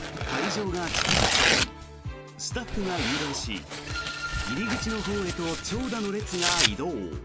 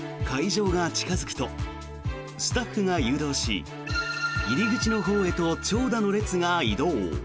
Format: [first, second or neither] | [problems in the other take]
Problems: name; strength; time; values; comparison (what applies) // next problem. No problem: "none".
second | background sound (Tearing); 2 dB above the speech